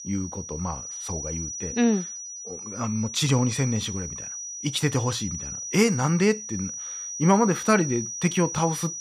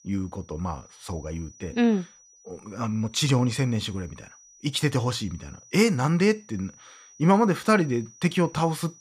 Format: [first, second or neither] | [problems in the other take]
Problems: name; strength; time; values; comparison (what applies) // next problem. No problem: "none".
second | high-pitched whine; loud; throughout; 6 kHz, 7 dB below the speech; faint in the second